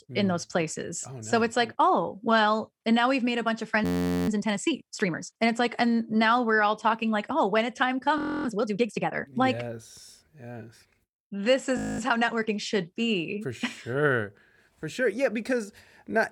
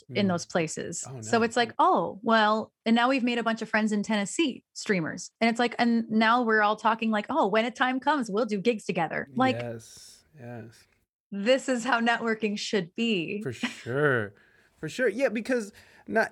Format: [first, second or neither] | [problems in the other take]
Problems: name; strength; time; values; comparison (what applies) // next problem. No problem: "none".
second | audio freezing; at 4 s, at 8 s and at 12 s